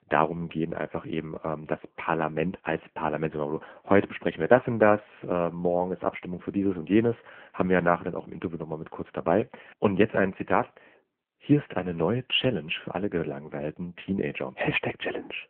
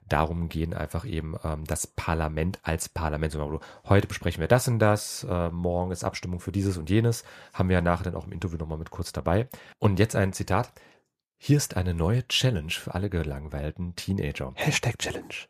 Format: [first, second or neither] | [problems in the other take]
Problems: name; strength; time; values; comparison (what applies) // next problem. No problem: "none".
second | phone-call audio; poor line; nothing above 3 kHz